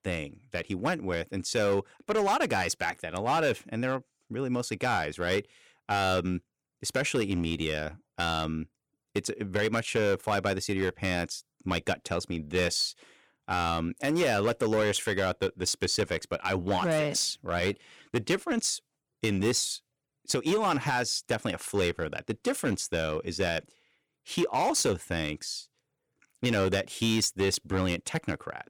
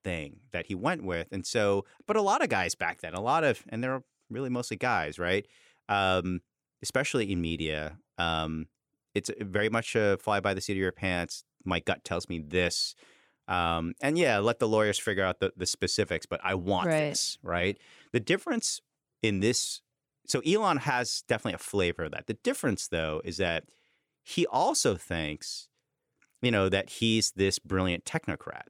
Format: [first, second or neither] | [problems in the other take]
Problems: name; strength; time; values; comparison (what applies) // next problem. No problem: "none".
second | distortion; slight; 6% of the sound clipped